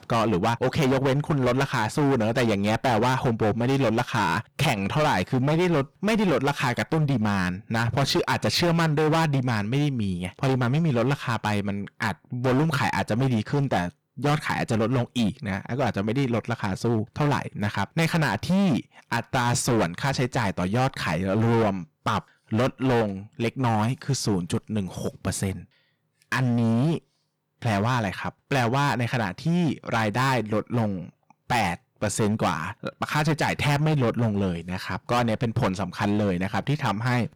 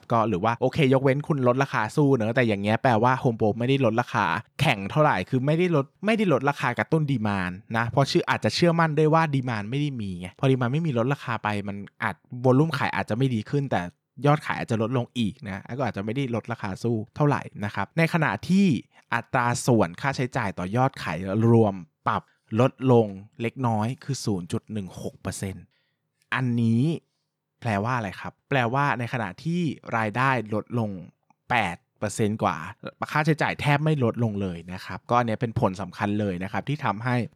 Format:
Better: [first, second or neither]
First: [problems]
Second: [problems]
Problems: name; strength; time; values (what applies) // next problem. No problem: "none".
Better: second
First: distortion; heavy; 18% of the sound clipped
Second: none